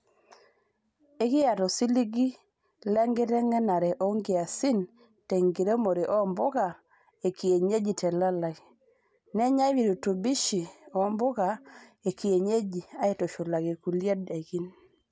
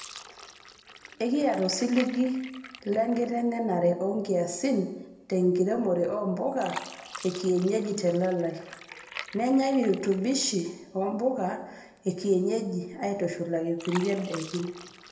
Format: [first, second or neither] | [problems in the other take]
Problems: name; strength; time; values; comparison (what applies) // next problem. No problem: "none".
first | background sound (Fill (with liquid)); 18 dB below the speech // room echo; dies away in 0.8 s